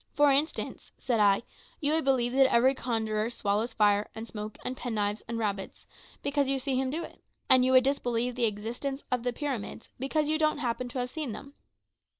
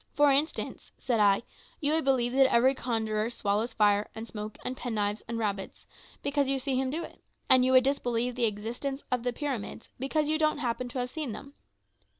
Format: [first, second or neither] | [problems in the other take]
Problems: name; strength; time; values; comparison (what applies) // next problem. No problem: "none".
second | noise reduction (neural mask model Resemble Enhance denoiser)